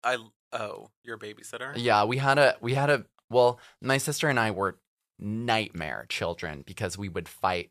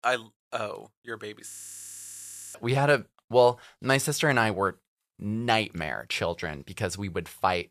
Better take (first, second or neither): first